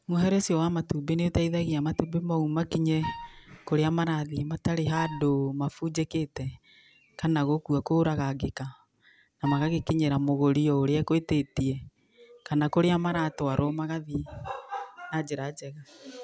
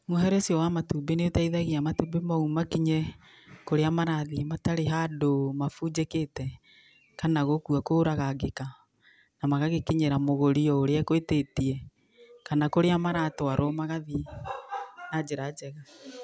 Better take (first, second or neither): second